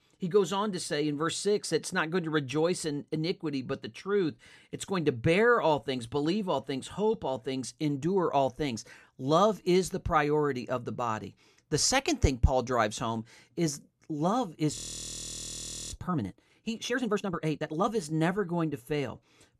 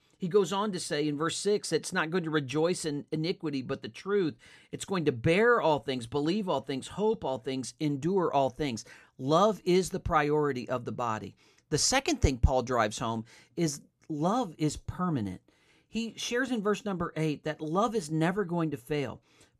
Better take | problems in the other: second | audio freezing; at 15 s for 1 s

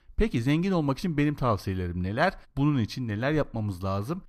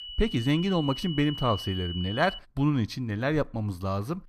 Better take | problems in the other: first | high-pitched whine; loud; until 2.5 s; 3 kHz, 9 dB below the speech

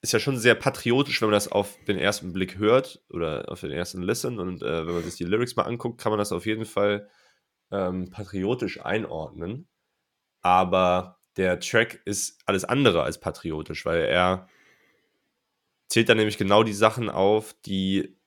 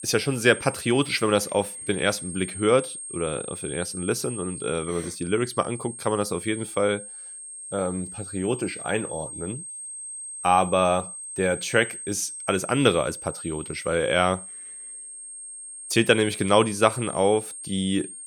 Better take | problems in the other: first | high-pitched whine; loud; throughout; 8.5 kHz, 10 dB below the speech

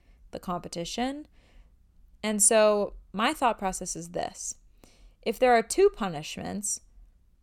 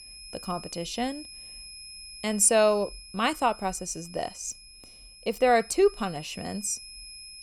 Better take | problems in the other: first | high-pitched whine; noticeable; throughout; 5 kHz, 15 dB below the speech

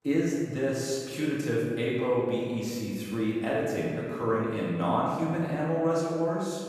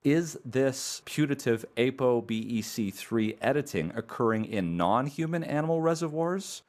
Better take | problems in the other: second | room echo; strong; dies away in 1.7 s // off-mic speech; far

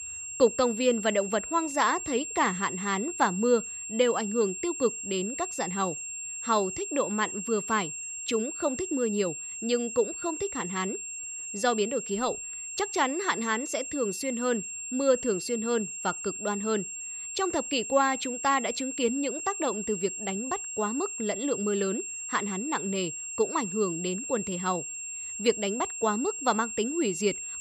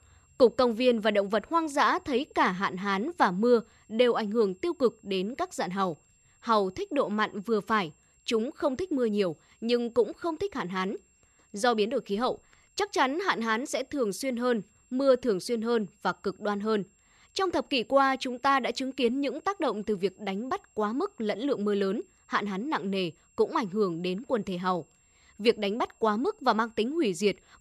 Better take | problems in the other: second | high-pitched whine; loud; throughout; 7.5 kHz, 5 dB below the speech; faint in the second

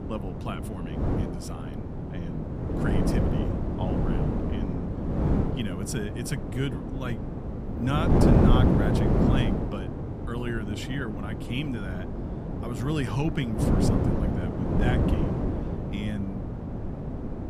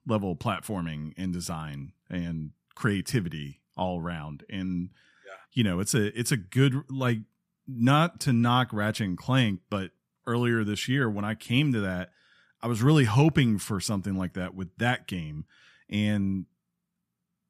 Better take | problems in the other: second | wind noise on the microphone; heavy; 3 dB above the speech

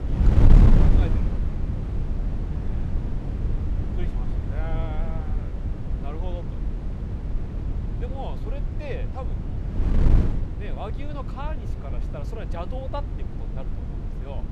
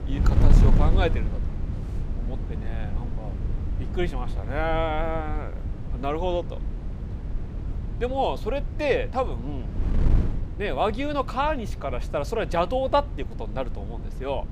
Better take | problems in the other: second | wind noise on the microphone; heavy; 1 dB above the speech; occasional gusts in the second

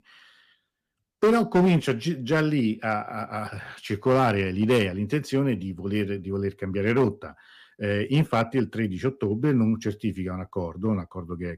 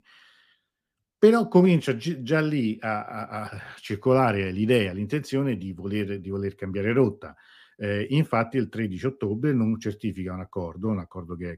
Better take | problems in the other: second | distortion; slight; 3% of the sound clipped

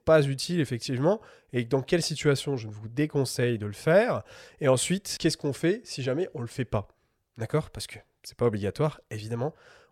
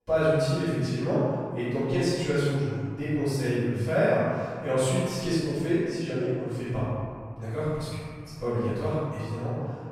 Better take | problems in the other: first | off-mic speech; far // room echo; strong; dies away in 2.2 s

